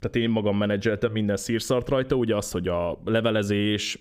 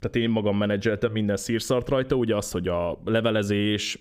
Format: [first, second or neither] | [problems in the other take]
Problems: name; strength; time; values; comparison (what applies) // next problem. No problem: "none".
neither | none